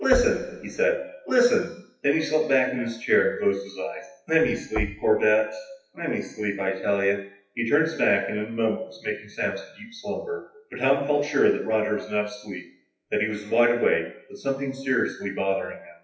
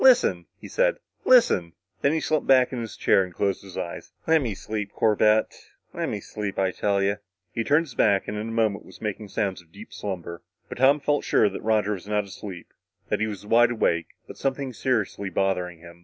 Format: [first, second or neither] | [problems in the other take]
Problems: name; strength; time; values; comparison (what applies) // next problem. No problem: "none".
second | noise reduction (classical method WPE with log-MMSE)